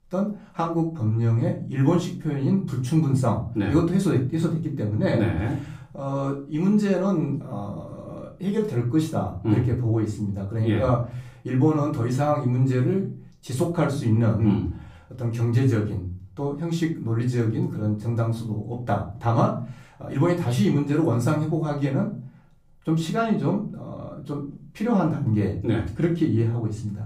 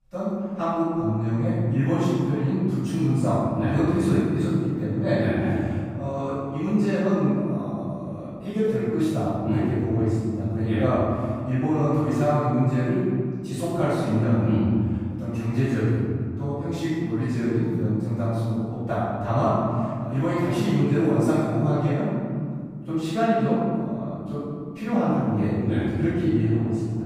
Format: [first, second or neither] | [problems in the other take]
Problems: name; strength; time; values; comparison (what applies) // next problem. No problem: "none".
first | room echo; strong; dies away in 2.3 s; slight in the first // off-mic speech; far; far in the first